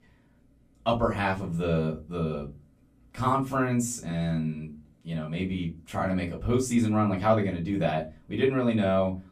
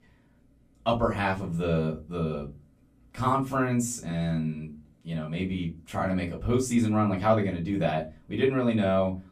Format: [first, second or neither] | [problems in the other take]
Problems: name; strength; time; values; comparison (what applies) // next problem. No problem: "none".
neither | off-mic speech; far; the same in both // room echo; very slight; dies away in 0.2 s; the same in both